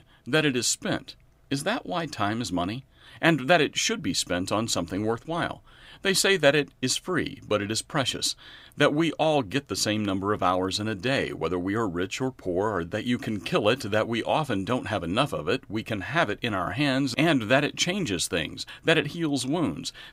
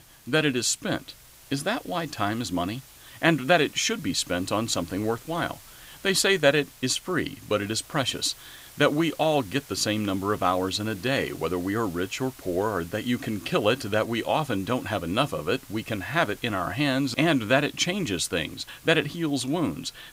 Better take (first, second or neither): first